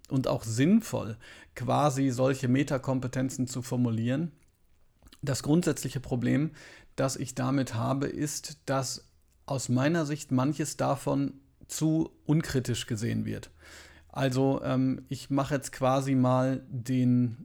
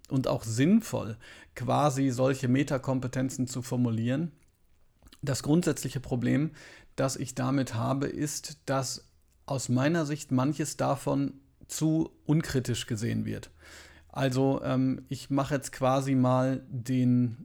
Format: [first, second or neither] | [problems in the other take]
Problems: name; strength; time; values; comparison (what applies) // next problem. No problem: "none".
neither | none